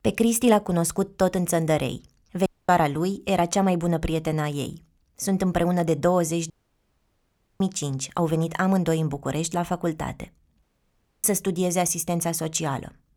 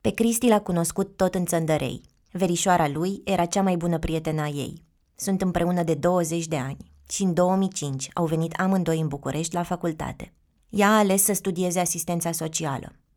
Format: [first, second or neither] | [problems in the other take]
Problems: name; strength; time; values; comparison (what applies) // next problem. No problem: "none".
second | audio cutting out; at 2.5 s, at 6.5 s for 1 s and at 11 s for 0.5 s